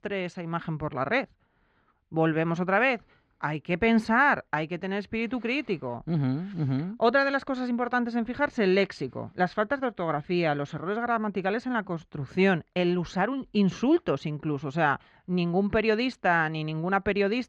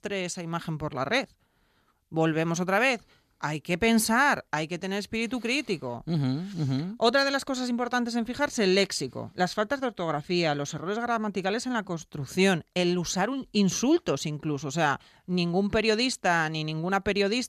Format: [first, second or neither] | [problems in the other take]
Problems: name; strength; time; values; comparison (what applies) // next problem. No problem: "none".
second | muffled; slightly; fading above 2 kHz